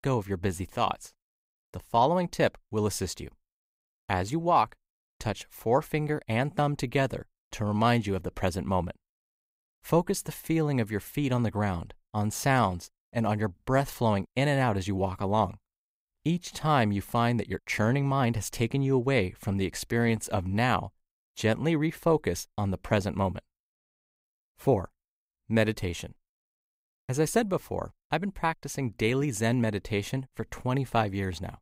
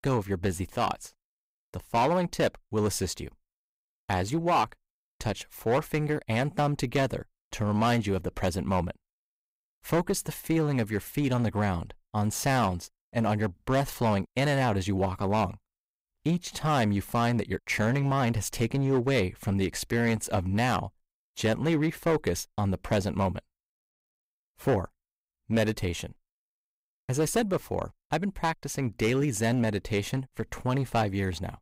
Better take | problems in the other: first | distortion; slight; 6% of the sound clipped

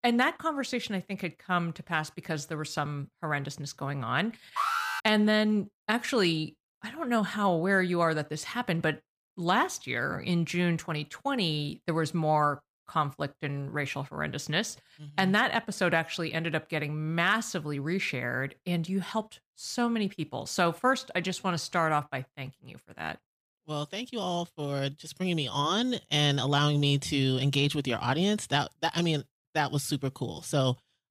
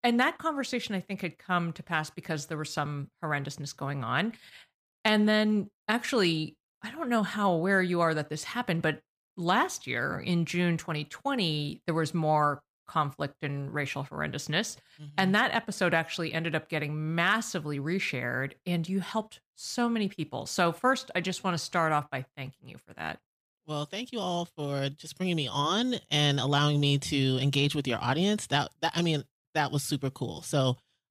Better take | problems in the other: second | alarm; loud; at 4.5 s; peak 1 dB above the speech

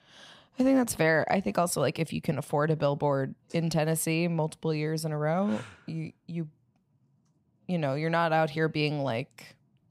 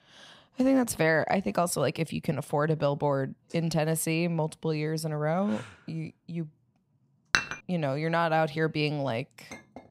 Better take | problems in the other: first | clattering dishes; loud; at 7.5 s; peak 1 dB above the speech // clattering dishes; faint; at 9.5 s; peak 20 dB below the speech

